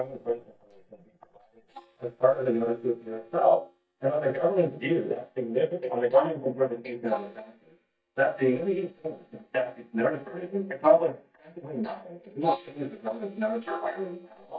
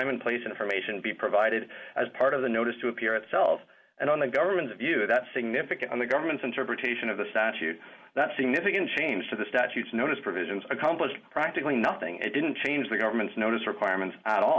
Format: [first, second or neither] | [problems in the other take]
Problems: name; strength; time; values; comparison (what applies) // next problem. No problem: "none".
second | noise reduction (neural mask model DeepFilterNet 3)